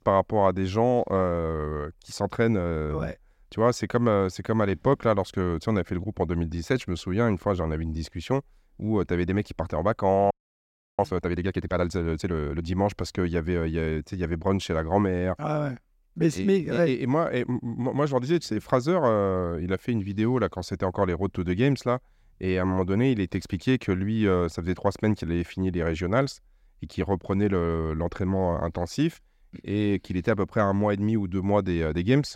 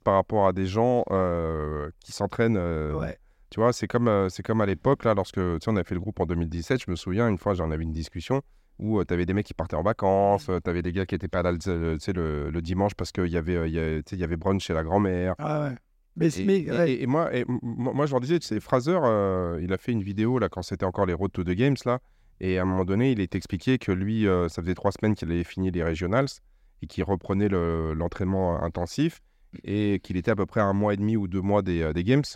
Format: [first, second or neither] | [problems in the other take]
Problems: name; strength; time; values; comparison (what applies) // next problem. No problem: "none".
second | audio freezing; at 10 s for 0.5 s